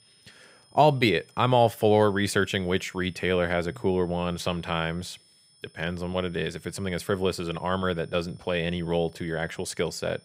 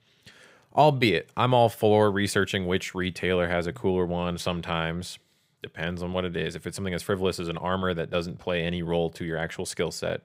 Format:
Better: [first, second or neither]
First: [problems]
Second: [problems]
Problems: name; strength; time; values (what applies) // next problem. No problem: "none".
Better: second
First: high-pitched whine; faint; throughout; 5.5 kHz, 30 dB below the speech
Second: none